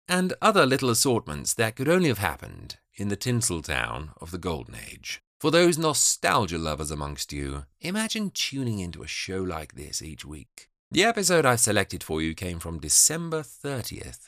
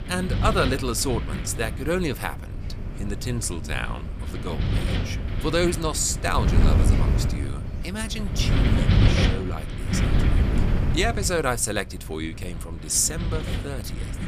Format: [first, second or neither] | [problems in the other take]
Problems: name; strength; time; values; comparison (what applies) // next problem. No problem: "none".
first | wind noise on the microphone; heavy; 6 dB below the speech